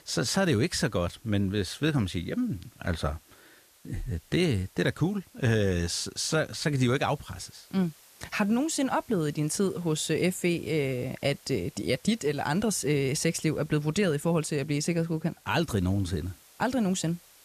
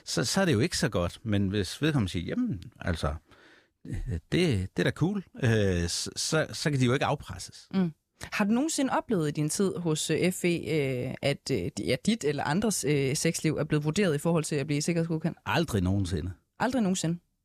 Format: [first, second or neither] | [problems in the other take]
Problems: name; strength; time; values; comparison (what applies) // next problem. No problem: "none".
second | hiss; faint; throughout; 25 dB below the speech